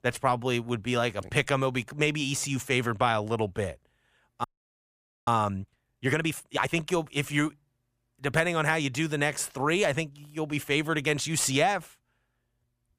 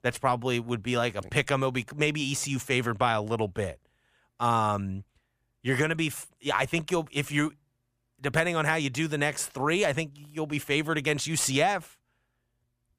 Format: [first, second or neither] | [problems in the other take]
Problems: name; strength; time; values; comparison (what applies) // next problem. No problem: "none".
second | audio freezing; at 4.5 s for 1 s